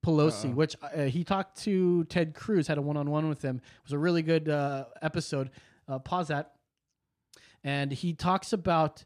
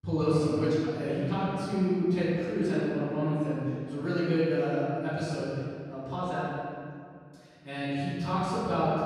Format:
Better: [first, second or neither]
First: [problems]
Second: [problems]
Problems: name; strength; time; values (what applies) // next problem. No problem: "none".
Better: first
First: none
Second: off-mic speech; far // room echo; strong; dies away in 2.1 s